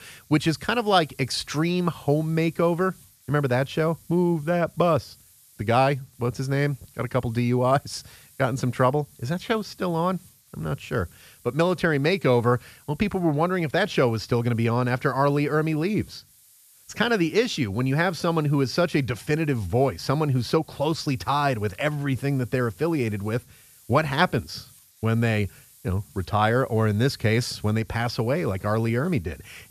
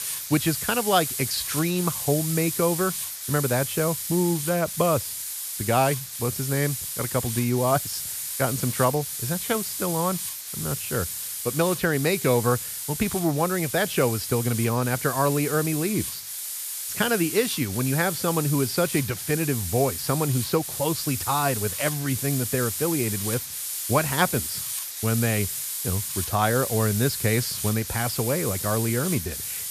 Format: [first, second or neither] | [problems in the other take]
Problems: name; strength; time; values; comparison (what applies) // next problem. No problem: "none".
first | hiss; loud; throughout; 3 dB below the speech; faint in the first